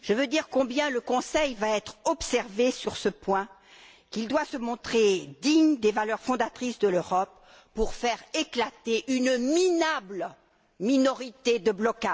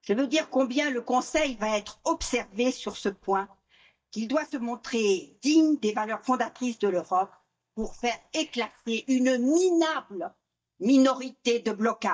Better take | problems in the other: first | noise reduction (neural mask model DeepFilterNet 3)

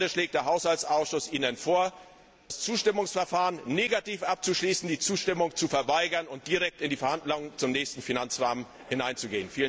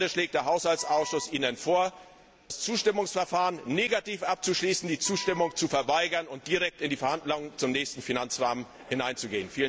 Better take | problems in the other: first | background sound (Wind instrument, woodwind instrument); 14 dB below the speech

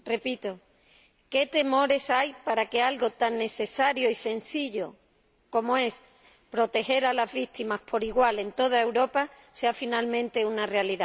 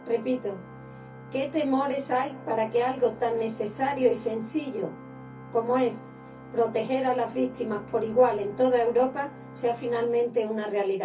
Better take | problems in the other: first | background sound (Organ); 17 dB below the speech // room echo; dies away in 0.3 s

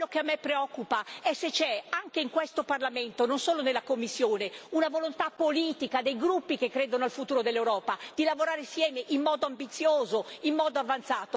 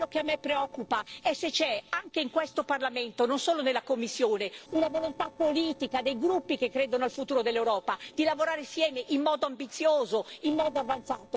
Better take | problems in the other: first | noise reduction (neural separator model SepFormer DNS4)

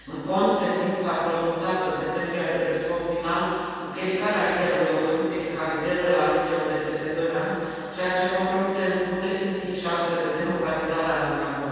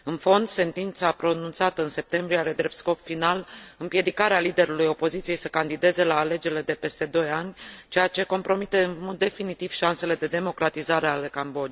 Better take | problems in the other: second | room echo; dies away in 2.1 s

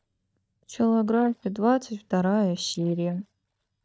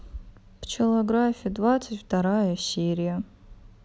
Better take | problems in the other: second | noise reduction (neural mask model DeepFilterNet 3)

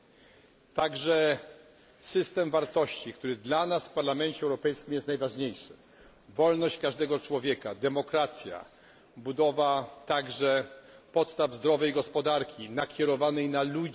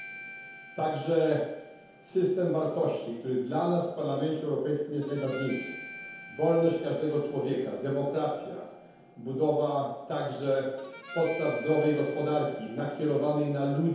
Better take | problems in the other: first | background sound (Harmonica); 19 dB below the speech // room echo; dies away in 0.9 s

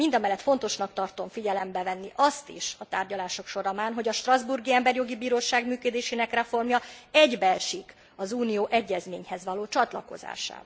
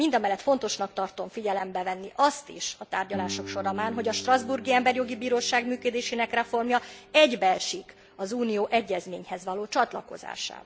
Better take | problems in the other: first | background sound (Guitar); 18 dB below the speech

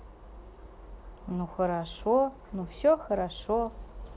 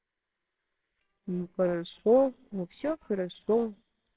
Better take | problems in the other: first | noise reduction (neural separator model SepFormer WHAMR!)

